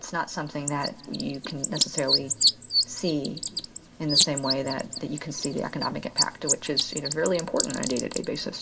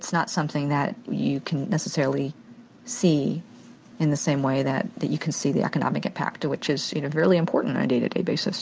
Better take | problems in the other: second | background sound (Bird); 1 dB above the speech // room echo; dies away in 1.8 s

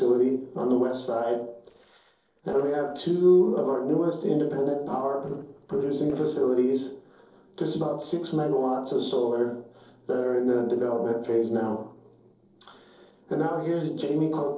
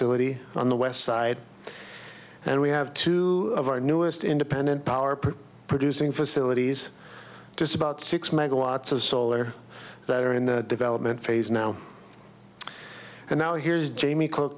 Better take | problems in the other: second | noise reduction (neural separator model SepFormer DNS4)

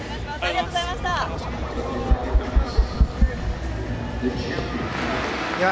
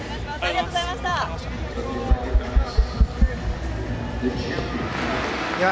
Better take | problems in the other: second | background sound (Scratching (performance technique)); 15 dB below the speech

